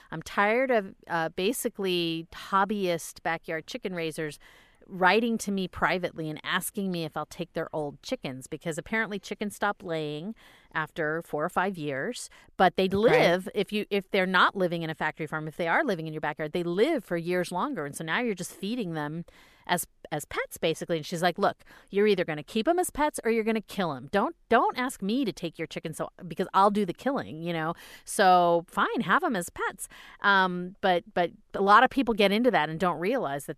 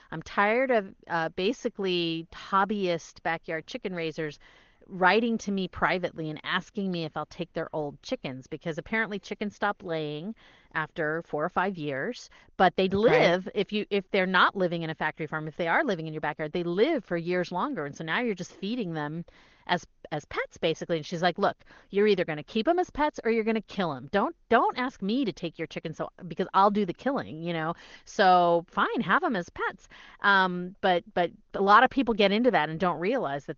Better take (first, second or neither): first